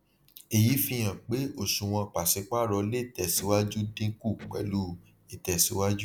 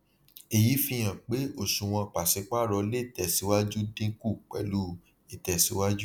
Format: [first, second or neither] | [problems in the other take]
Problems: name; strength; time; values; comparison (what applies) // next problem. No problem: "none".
second | background sound (Electric guitar); 18 dB below the speech